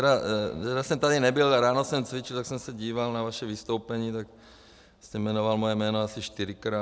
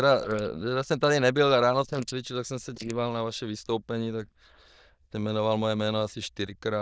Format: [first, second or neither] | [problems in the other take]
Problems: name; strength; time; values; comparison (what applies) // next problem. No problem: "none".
first | noise reduction (neural diffusion model UNIVERSE++)